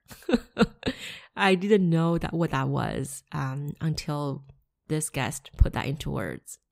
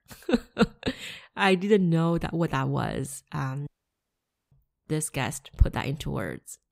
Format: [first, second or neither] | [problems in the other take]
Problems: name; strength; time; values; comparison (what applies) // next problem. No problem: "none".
first | audio cutting out; at 3.5 s for 1 s